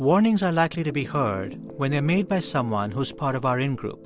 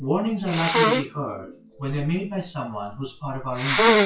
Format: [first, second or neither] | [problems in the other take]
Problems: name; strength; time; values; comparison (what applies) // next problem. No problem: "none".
first | noise reduction (classical method WPE with log-MMSE)